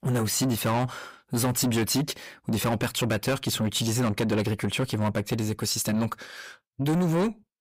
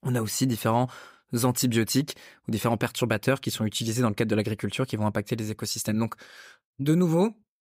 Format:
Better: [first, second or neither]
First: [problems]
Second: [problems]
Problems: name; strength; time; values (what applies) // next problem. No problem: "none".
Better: second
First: distortion; heavy; 8 dB below the speech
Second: none